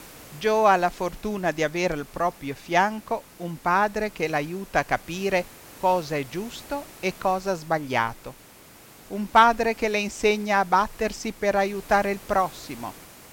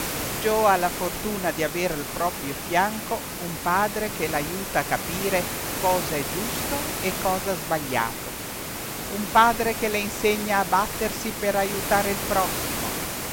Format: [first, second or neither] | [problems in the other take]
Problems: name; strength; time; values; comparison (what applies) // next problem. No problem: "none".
first | hiss; loud; throughout; 4 dB below the speech; faint in the first